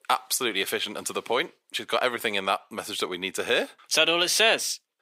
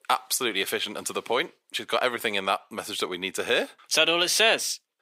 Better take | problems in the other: neither | thin; somewhat; fading below 450 Hz; the same in both

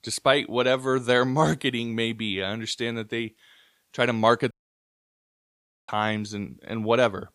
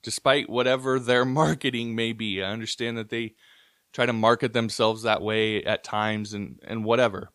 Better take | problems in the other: second | audio cutting out; at 4.5 s for 1.5 s

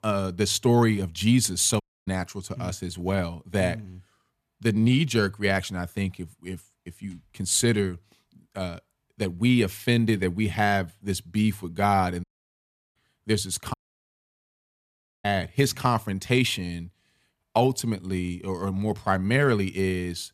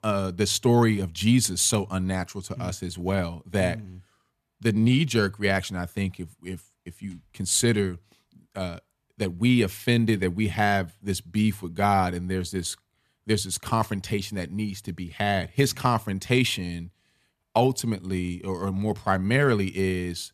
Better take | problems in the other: second | audio cutting out; at 2 s, at 12 s for 0.5 s and at 14 s for 1.5 s

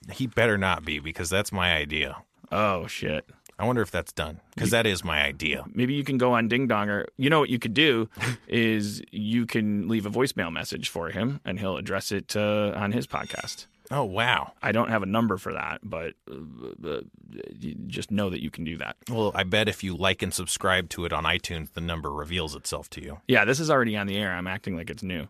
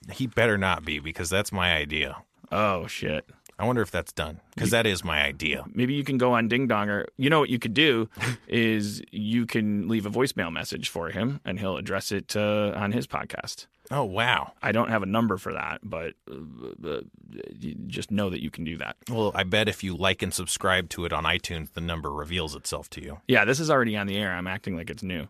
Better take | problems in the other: second | clattering dishes; faint; at 13 s; peak 15 dB below the speech

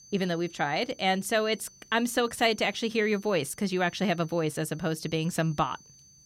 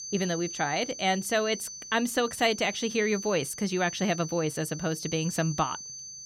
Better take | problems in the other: first | high-pitched whine; loud; throughout; 6 kHz, 9 dB below the speech; faint in the first

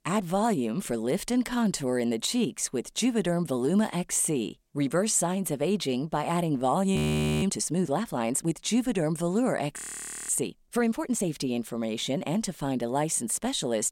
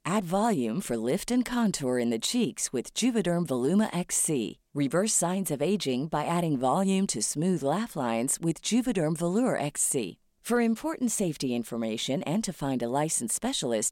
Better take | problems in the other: second | audio freezing; at 7 s and at 10 s for 0.5 s

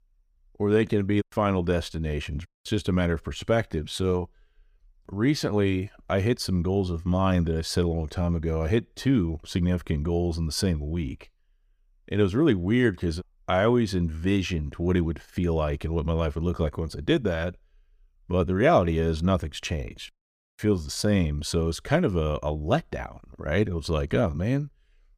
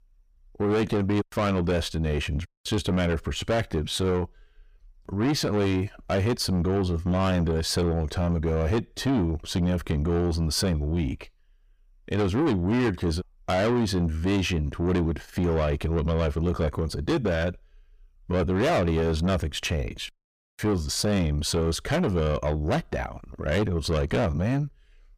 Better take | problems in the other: first | distortion; heavy; 8 dB below the speech

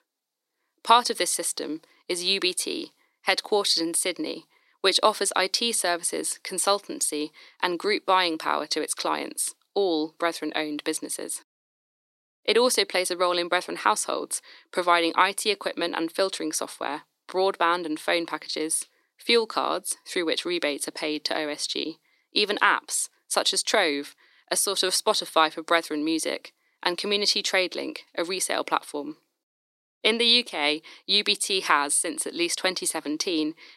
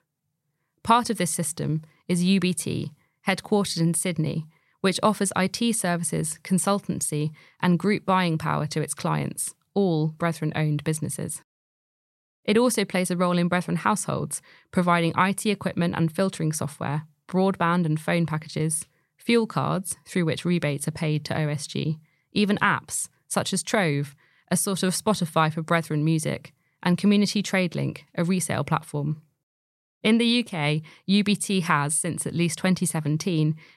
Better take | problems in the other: second | thin; very; fading below 300 Hz

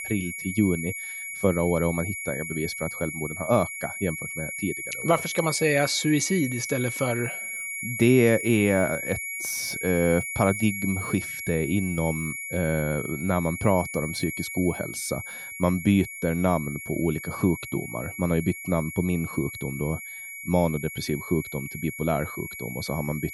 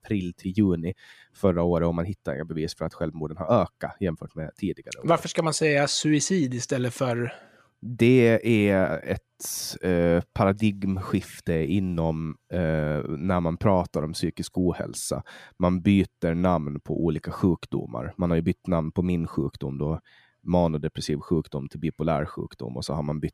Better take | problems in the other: second | high-pitched whine; loud; throughout; 2 kHz, 6 dB below the speech

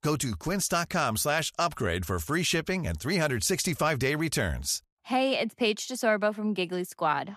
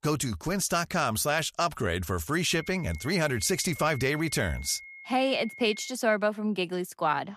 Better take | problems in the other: first | high-pitched whine; noticeable; from 2.5 to 6 s; 2 kHz, 15 dB below the speech

